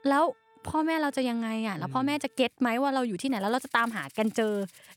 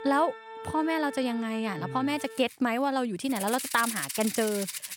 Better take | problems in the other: first | background music; loud; throughout; 8 dB below the speech; faint in the first

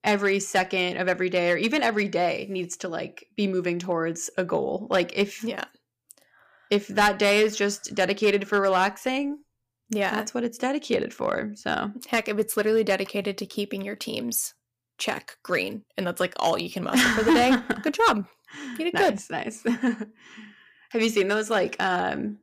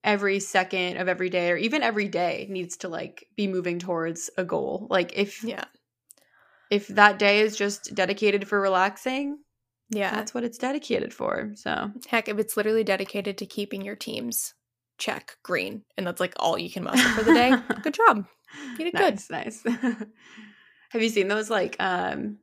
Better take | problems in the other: second | distortion; slight; 2% of the sound clipped

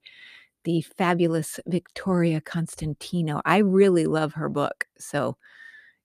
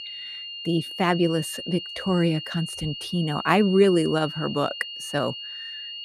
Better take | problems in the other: first | high-pitched whine; loud; throughout; 3 kHz, 9 dB below the speech

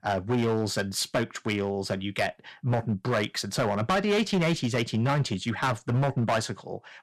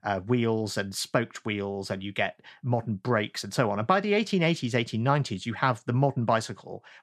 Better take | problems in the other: second | distortion; heavy; 10% of the sound clipped

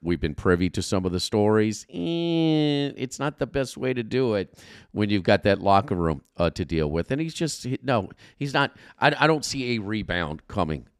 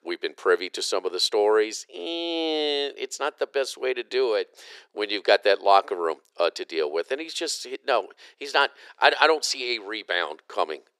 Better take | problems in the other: first | thin; very; fading below 400 Hz

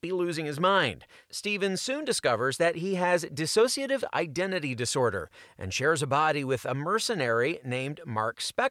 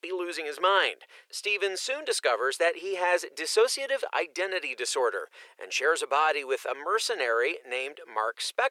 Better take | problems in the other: first | thin; very; fading below 400 Hz

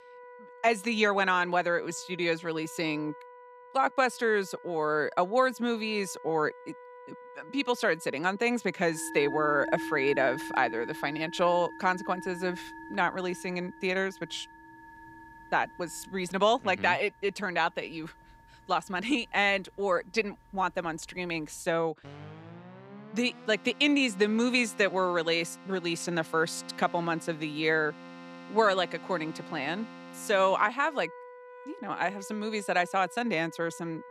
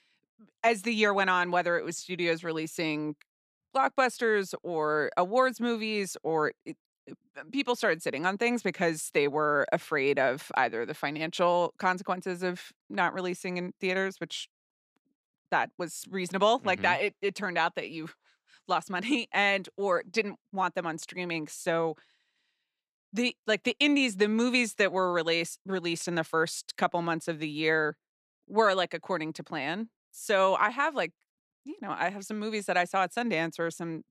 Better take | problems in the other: second | background music; noticeable; throughout; 15 dB below the speech

